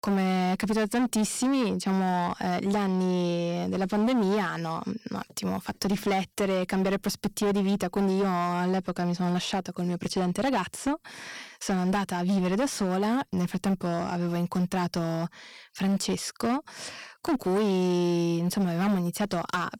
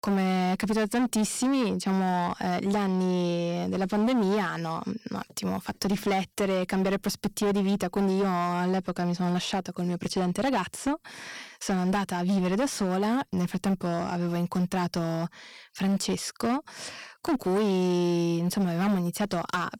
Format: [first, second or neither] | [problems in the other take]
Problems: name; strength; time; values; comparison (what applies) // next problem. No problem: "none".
neither | distortion; slight; 16% of the sound clipped; the same in both